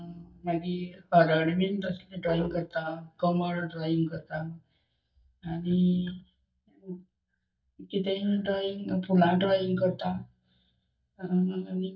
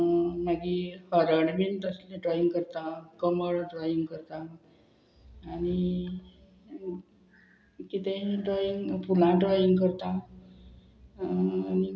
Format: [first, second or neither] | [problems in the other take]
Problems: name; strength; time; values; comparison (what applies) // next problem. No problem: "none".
second | noise reduction (neural mask model DeepFilterNet 3)